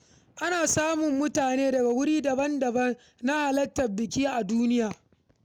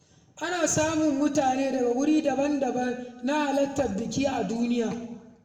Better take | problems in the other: first | room echo; dies away in 1 s

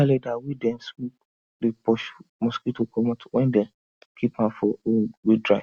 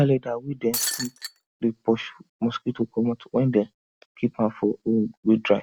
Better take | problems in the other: first | background sound (Shatter); 5 dB below the speech

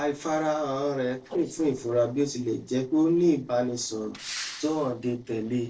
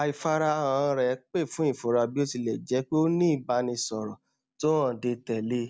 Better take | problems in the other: second | noise reduction (neural separator model SepFormer DNS4)

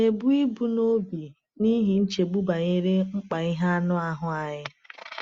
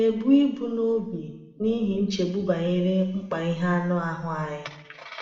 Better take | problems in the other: first | room echo; dies away in 0.7 s

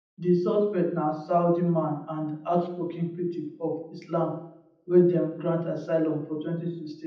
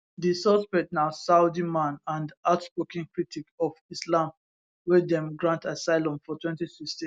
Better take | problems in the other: second | room echo; dies away in 0.8 s

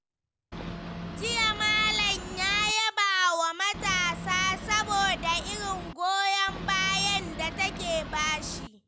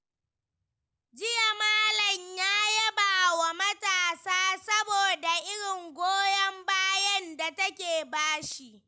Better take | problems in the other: second | background sound (Boat, Water vehicle); 9 dB below the speech

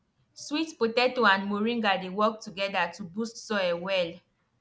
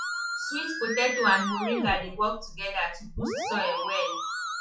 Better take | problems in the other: first | noise reduction (classical method WPE with log-MMSE)

